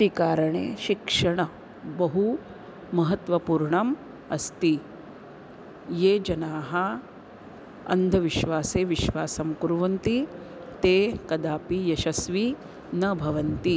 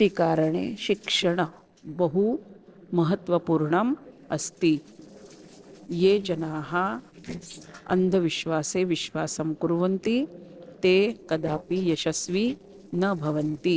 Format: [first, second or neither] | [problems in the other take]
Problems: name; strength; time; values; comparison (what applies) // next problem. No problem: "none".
first | noise reduction (neural separator model SepFormer DNS4)